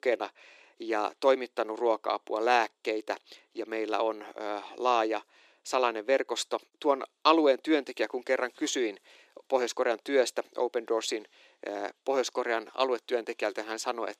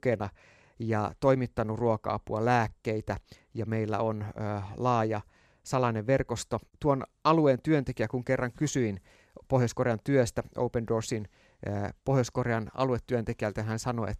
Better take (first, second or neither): second